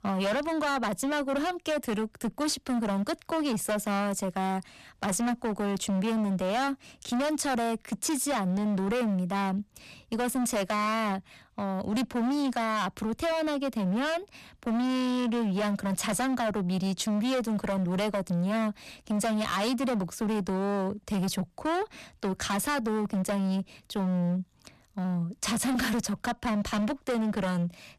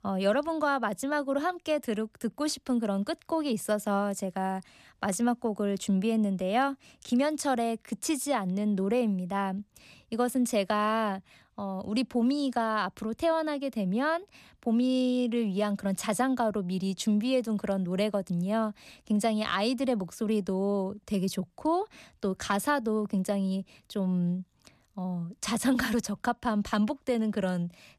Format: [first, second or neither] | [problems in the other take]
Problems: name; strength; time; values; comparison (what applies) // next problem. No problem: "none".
second | distortion; heavy; 29% of the sound clipped